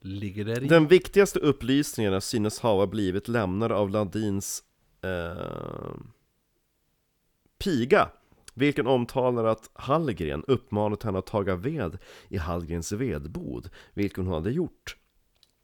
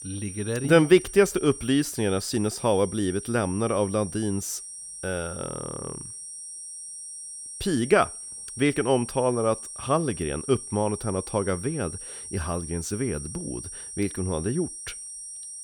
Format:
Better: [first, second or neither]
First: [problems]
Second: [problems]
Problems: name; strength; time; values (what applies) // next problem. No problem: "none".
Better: first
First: none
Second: high-pitched whine; noticeable; throughout; 8.5 kHz, 10 dB below the speech